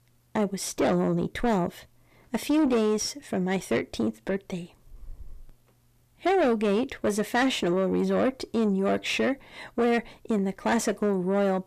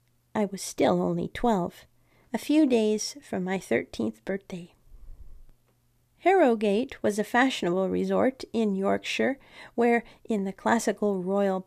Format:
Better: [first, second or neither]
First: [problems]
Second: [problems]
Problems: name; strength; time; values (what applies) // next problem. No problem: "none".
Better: second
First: distortion; slight; 10 dB below the speech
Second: none